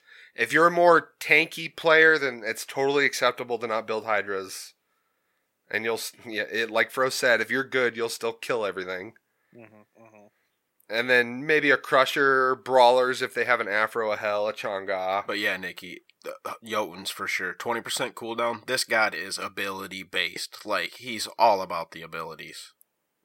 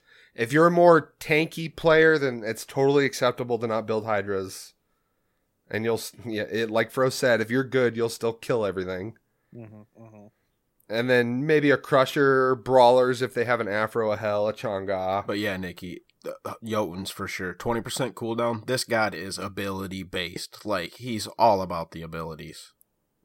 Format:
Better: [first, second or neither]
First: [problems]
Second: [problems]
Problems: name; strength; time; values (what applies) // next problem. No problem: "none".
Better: second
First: thin; somewhat; fading below 600 Hz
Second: none